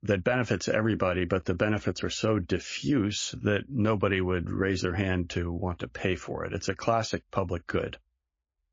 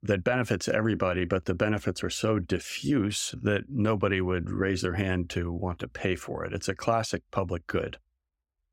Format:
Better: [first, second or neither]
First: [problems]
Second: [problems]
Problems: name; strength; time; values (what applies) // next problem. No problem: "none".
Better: second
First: garbled, watery; slightly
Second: none